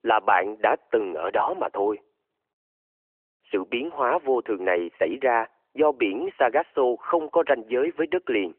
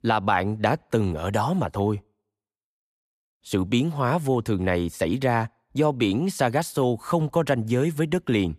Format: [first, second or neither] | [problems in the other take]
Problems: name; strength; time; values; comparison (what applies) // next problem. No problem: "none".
second | phone-call audio; nothing above 3 kHz